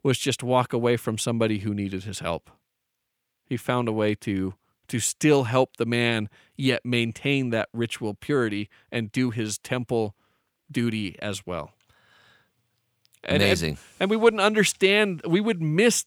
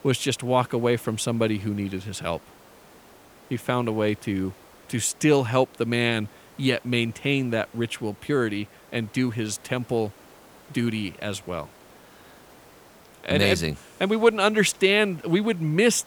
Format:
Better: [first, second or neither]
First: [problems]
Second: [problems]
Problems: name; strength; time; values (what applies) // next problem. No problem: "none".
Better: first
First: none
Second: hiss; faint; throughout; 25 dB below the speech